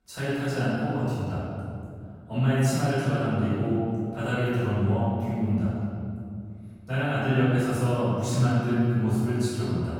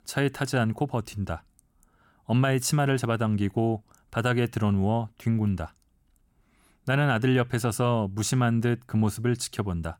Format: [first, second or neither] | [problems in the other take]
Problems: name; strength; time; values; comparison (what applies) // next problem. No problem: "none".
second | off-mic speech; far // room echo; strong; dies away in 2.4 s